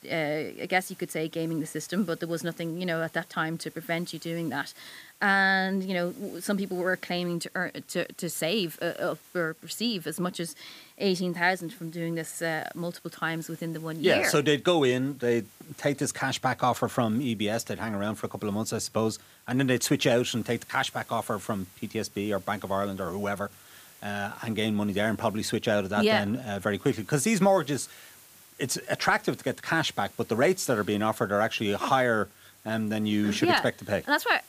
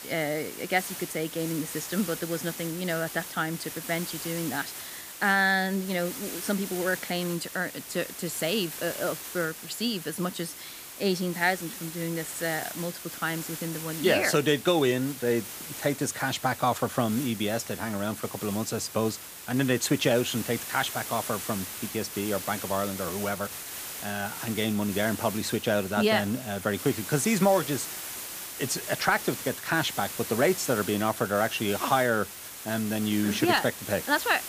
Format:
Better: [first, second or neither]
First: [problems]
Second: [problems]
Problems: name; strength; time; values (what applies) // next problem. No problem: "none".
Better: first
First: hiss; faint; throughout; 25 dB below the speech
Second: hiss; loud; throughout; 8 dB below the speech